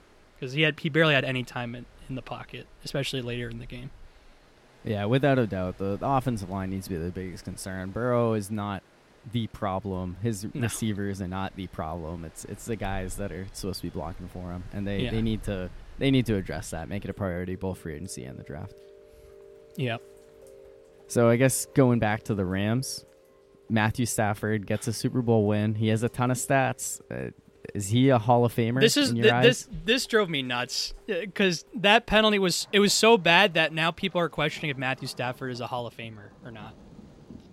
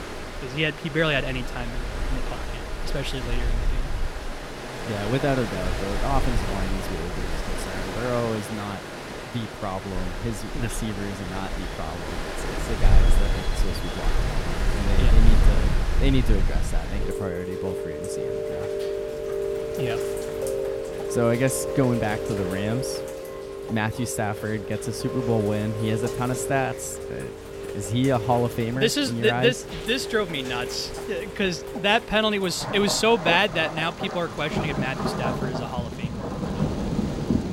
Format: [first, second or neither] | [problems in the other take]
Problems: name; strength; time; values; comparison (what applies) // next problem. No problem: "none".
first | rain or running water; loud; throughout; 3 dB below the speech; faint in the first